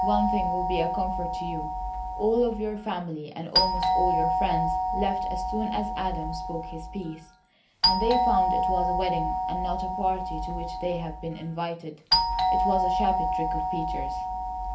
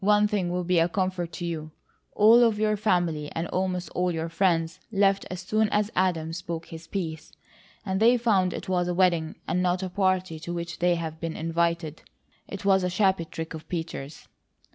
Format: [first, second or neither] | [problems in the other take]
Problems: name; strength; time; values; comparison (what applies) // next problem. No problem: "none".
second | background sound (Doorbell); 4 dB above the speech // room echo; dies away in 0.3 s